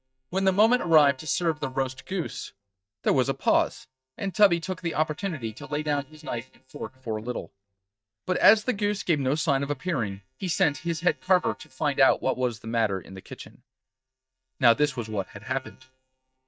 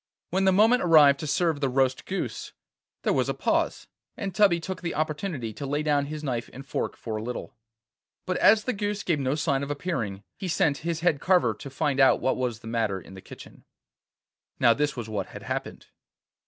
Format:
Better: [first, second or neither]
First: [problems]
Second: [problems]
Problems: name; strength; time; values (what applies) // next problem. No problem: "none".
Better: second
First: noise reduction (neural mask model DeepFilterNet 3)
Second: none